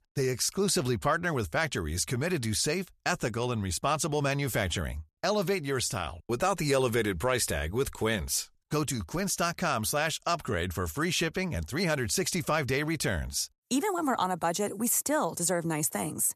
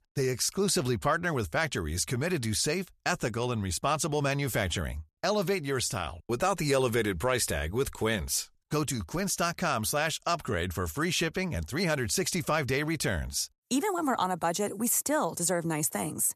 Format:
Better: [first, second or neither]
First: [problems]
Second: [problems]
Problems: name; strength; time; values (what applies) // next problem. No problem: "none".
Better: neither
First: none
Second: none